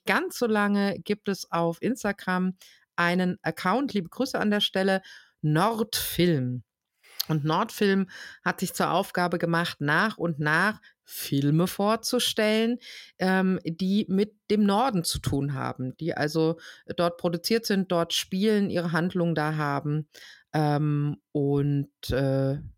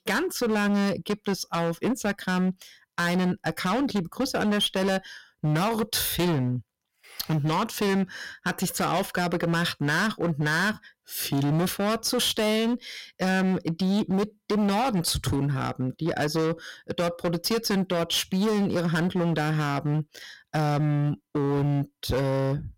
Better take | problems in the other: first | distortion; heavy; 22% of the sound clipped

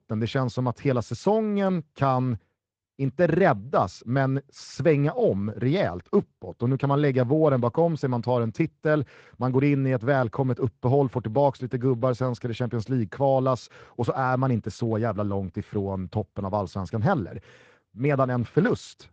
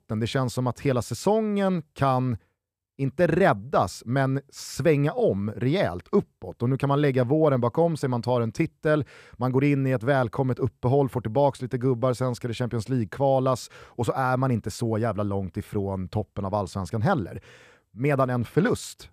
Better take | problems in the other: second | garbled, watery; slightly

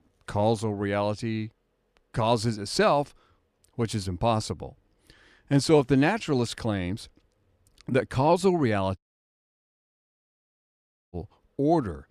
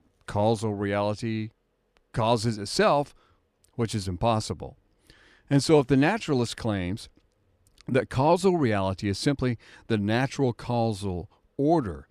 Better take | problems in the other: second | audio cutting out; at 9 s for 2 s

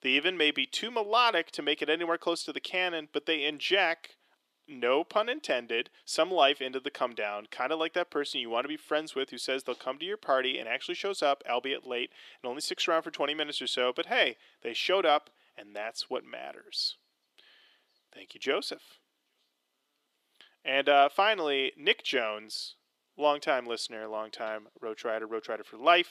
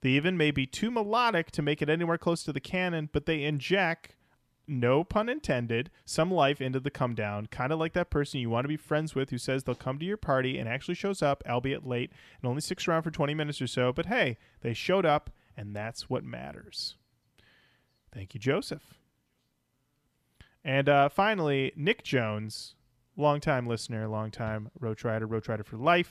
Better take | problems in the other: second | thin; somewhat; fading below 350 Hz

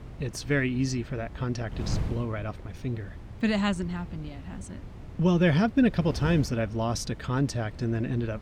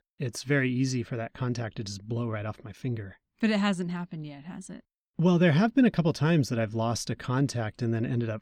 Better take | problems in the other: second | wind noise on the microphone; occasional gusts; 20 dB below the speech

